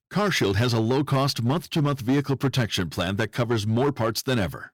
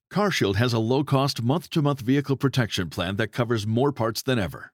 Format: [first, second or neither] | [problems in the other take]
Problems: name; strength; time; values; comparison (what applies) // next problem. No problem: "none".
second | distortion; slight; 9% of the sound clipped